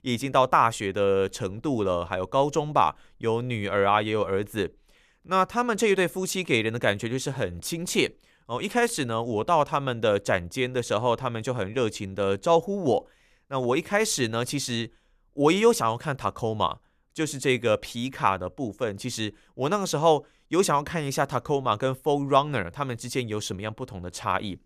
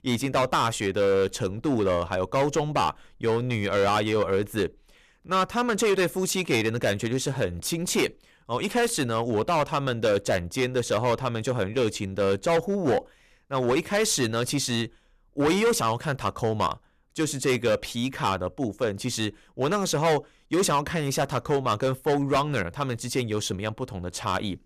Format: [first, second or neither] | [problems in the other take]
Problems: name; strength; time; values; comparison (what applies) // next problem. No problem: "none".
first | distortion; heavy; 8% of the sound clipped